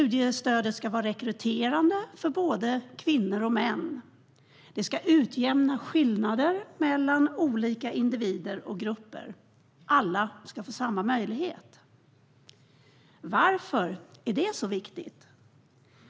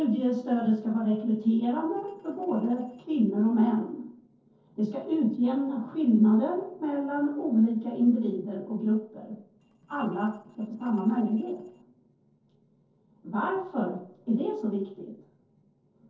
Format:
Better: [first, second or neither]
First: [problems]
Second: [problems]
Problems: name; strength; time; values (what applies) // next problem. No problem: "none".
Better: first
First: none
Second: noise reduction (neural separator model SepFormer DNS4)